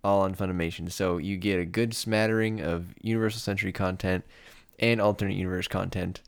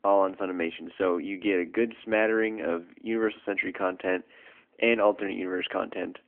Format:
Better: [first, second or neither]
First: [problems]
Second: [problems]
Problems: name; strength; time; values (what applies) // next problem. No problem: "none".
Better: first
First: none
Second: phone-call audio